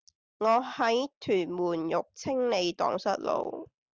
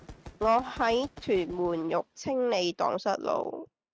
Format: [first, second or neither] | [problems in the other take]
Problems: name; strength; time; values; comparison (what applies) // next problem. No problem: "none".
first | noise reduction (neural mask model RNNoise)